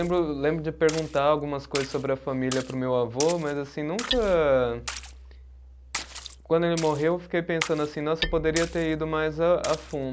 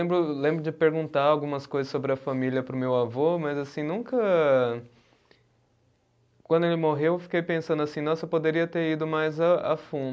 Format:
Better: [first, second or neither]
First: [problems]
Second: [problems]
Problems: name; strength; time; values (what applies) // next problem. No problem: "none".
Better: second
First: background sound (Splash, splatter + Hammer); 12 dB below the speech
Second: none